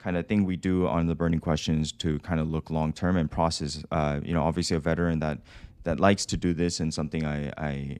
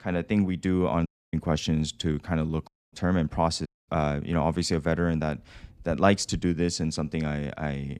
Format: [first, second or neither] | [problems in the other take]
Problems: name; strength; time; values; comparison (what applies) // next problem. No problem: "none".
first | audio cutting out; at 1 s, at 2.5 s and at 3.5 s